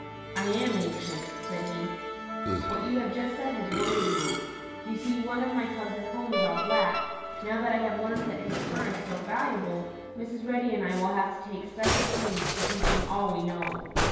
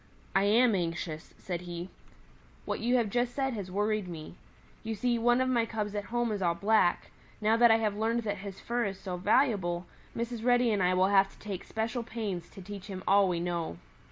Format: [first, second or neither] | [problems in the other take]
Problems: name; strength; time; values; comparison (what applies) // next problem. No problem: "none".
second | background sound (Musical instrument); 1 dB below the speech // room echo; dies away in 1.2 s